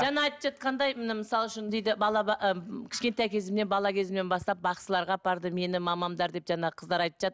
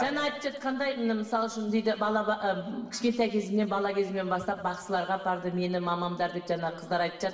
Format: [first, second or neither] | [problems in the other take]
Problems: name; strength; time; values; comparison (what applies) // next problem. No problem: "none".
first | room echo; dies away in 2.2 s